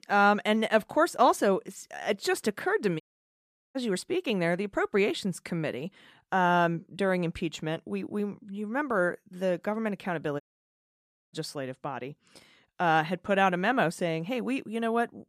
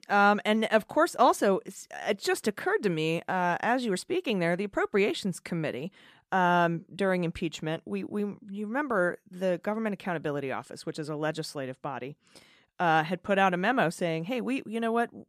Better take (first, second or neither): second